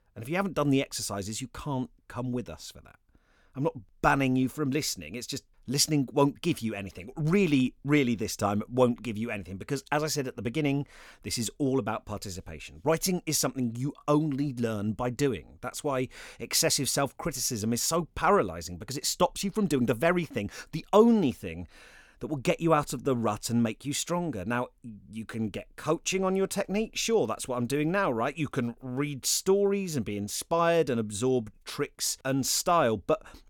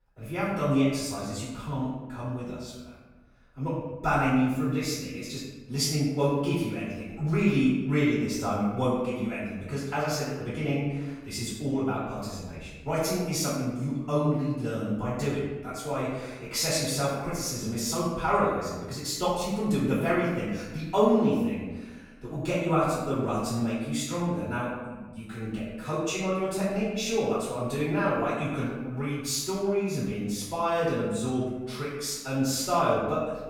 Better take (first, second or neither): first